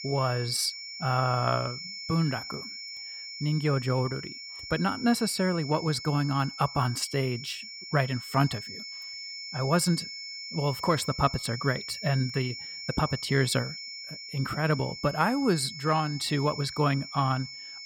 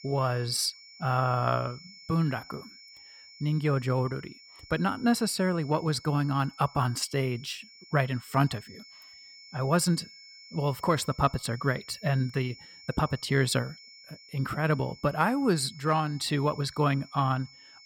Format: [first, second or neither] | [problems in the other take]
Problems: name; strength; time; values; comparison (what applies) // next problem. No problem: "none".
second | high-pitched whine; loud; throughout; 5.5 kHz, 9 dB below the speech; faint in the second